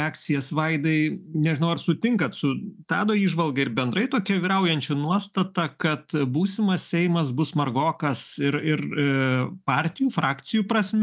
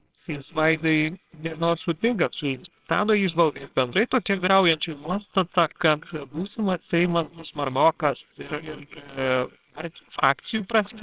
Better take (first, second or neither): first